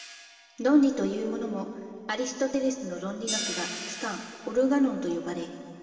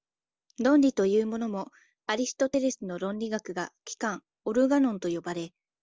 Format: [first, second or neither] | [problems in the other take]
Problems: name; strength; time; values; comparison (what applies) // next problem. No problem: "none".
second | background sound (Hi-hat); 13 dB below the speech // room echo; dies away in 2.4 s